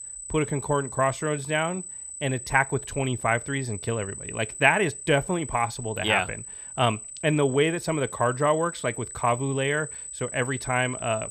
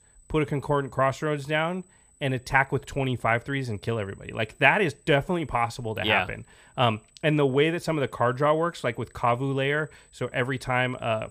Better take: second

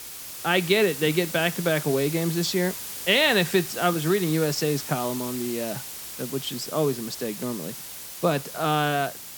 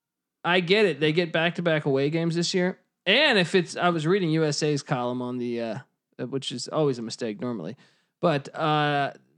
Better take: second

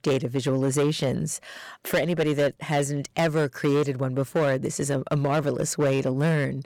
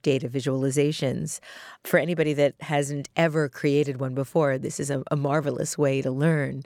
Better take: second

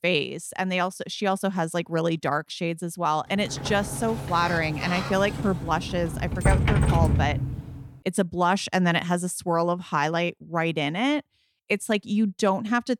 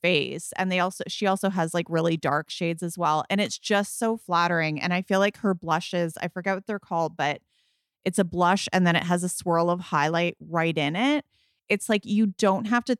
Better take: second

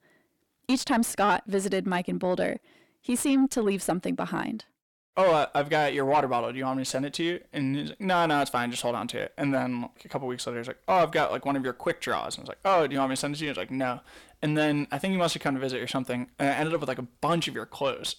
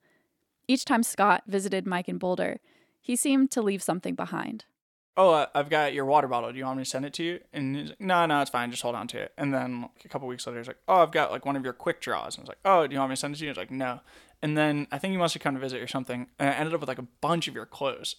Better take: second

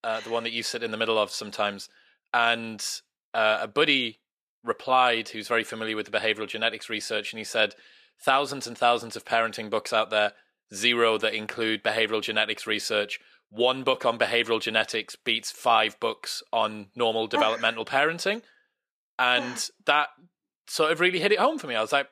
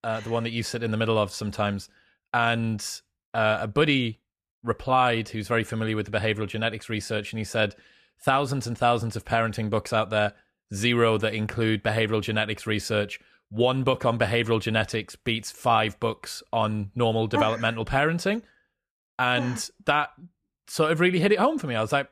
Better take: second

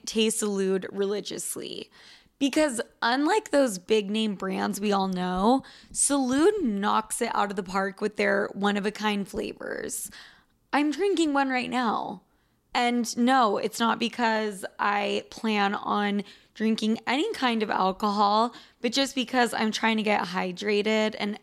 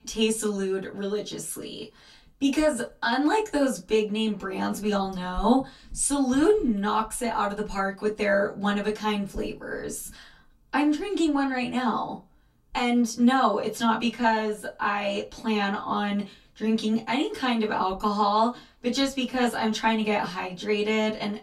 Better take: first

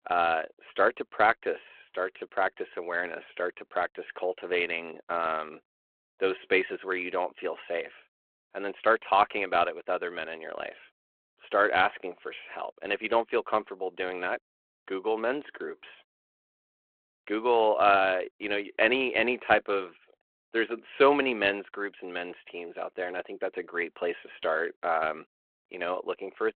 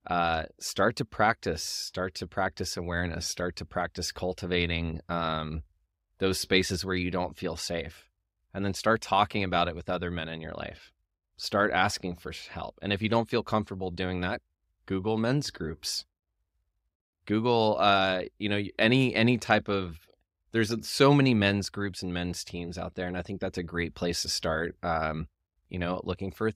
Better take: second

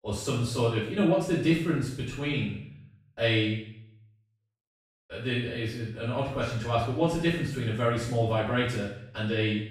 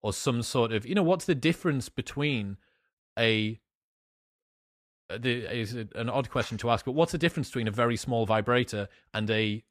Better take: second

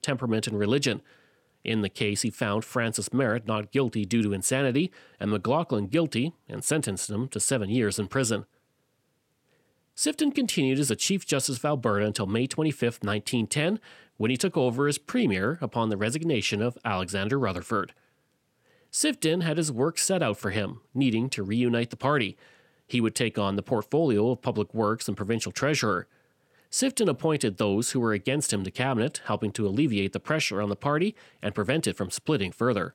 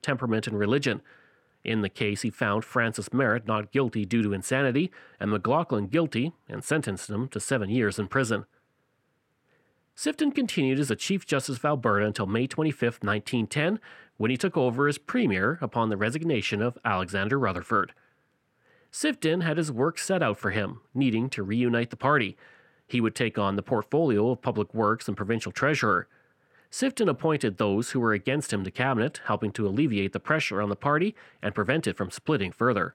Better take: first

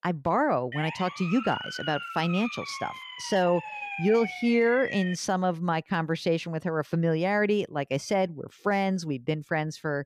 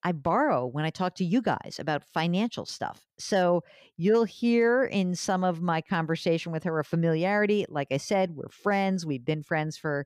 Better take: second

